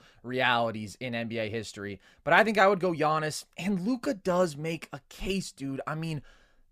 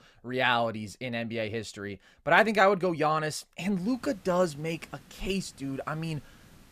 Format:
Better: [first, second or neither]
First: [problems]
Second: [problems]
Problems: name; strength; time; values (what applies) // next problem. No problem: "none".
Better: first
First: none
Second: hiss; faint; from 4 s on; 25 dB below the speech